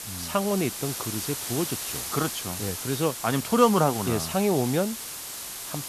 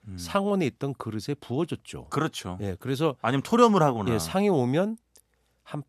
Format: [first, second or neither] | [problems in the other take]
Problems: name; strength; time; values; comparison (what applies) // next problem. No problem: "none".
second | hiss; loud; throughout; 6 dB below the speech